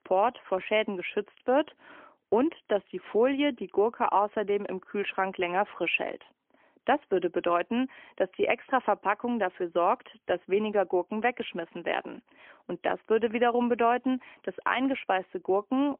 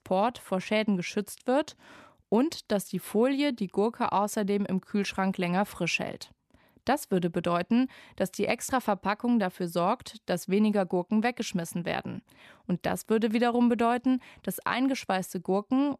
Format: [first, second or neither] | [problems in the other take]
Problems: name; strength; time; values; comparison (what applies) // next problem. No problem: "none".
second | phone-call audio; poor line; nothing above 3 kHz